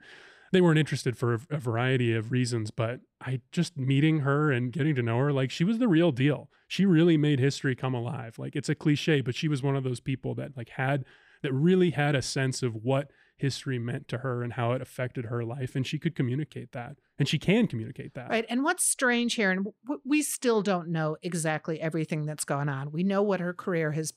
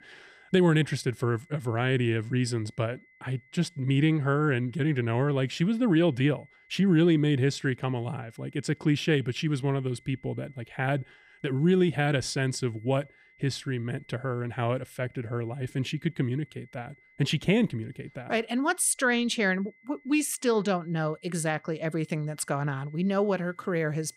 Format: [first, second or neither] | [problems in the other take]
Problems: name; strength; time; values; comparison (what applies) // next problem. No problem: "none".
first | high-pitched whine; faint; throughout; 2 kHz, 30 dB below the speech